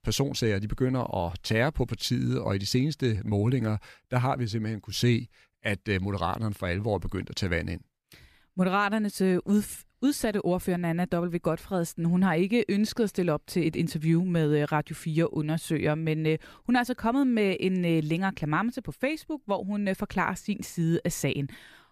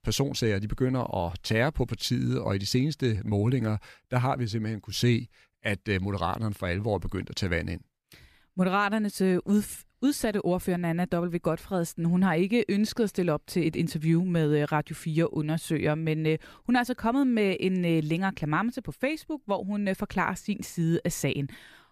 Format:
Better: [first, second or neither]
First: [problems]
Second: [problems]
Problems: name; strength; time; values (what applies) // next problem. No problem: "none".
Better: neither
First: none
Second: none